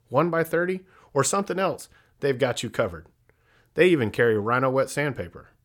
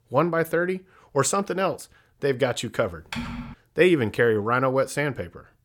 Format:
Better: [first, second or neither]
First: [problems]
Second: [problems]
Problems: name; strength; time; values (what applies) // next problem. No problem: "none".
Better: first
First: none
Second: keyboard typing; noticeable; at 3 s; peak 9 dB below the speech